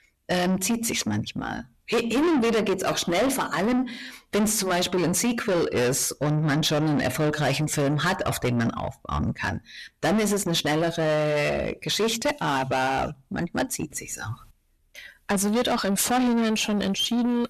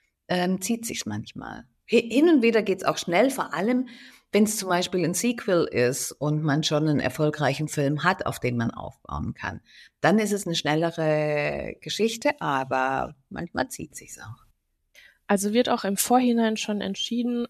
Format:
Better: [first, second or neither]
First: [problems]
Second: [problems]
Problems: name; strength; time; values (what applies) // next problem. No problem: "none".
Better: second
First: distortion; heavy; 6 dB below the speech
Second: none